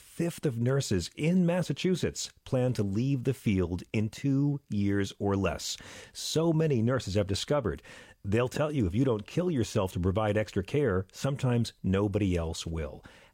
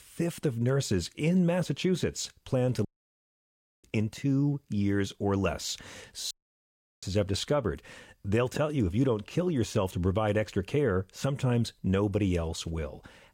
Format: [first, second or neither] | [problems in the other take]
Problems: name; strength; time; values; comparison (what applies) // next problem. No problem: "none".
first | audio cutting out; at 3 s for 1 s and at 6.5 s for 0.5 s